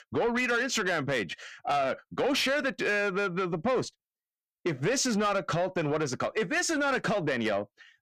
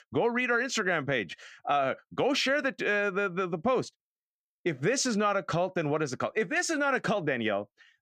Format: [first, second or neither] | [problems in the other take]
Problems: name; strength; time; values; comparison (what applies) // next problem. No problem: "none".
second | distortion; slight; 10 dB below the speech